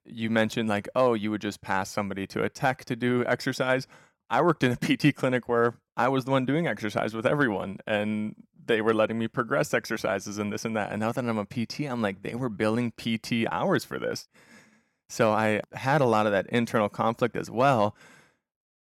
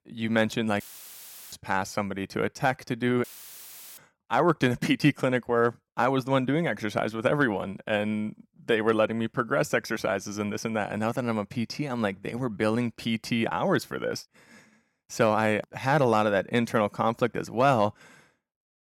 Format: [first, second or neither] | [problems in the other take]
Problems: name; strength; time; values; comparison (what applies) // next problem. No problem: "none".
first | audio cutting out; filled with static; at 1 s for 0.5 s and at 3 s for 0.5 s